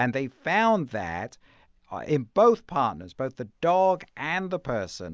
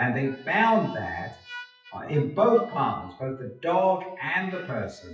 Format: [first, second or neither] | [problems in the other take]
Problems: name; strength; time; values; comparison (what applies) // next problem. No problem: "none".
first | noise reduction (classical method WPE with log-MMSE)